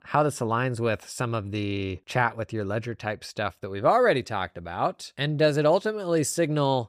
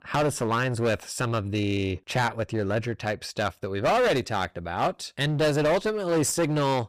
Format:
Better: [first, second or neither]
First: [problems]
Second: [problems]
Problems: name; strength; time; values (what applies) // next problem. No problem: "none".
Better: first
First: none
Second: distortion; heavy; 15% of the sound clipped